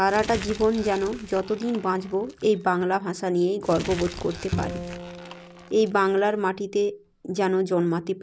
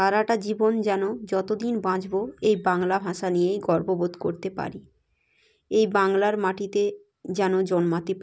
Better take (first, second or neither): second